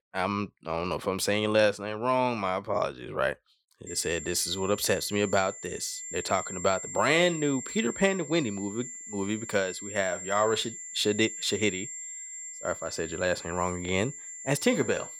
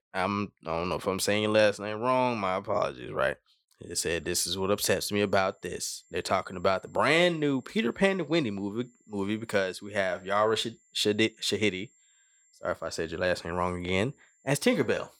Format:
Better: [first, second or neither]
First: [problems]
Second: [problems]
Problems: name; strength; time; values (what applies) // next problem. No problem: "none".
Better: second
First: high-pitched whine; loud; from 4 s on; 7.5 kHz, 10 dB below the speech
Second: high-pitched whine; faint; from 4 s on; 7.5 kHz, 35 dB below the speech